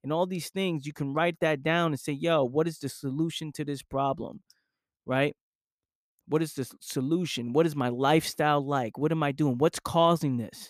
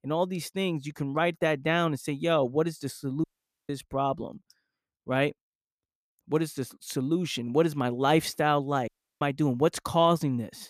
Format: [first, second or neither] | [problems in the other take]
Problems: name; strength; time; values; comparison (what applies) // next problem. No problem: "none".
first | audio cutting out; at 3 s and at 9 s